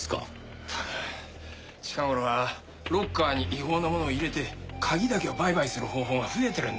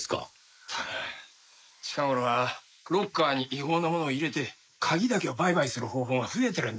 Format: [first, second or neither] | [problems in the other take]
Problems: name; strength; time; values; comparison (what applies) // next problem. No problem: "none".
first | noise reduction (neural mask model Resemble Enhance denoiser)